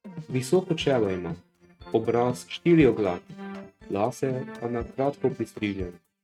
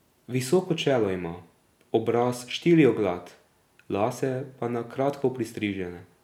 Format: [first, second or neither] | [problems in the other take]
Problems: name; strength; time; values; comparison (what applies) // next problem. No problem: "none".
second | noise reduction (neural mask model RNNoise)